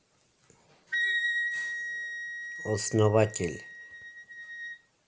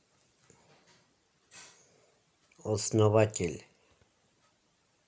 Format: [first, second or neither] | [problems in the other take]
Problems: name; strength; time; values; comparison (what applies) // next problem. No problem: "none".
second | background sound (Wind instrument, woodwind instrument); 3 dB below the speech